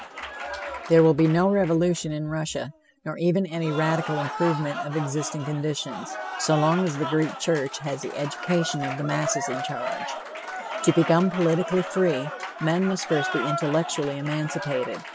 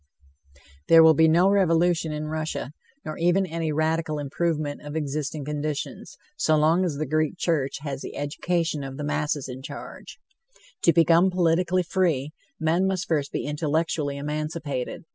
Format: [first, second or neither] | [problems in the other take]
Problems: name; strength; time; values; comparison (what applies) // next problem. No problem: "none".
second | background sound (Applause / Cheering); 9 dB below the speech